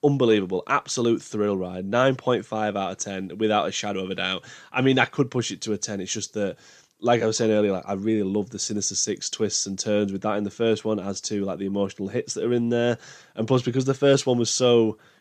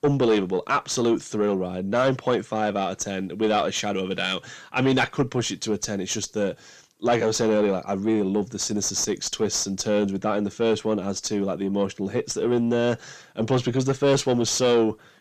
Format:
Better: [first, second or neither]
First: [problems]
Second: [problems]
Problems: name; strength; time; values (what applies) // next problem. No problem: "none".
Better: first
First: none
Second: distortion; slight; 10 dB below the speech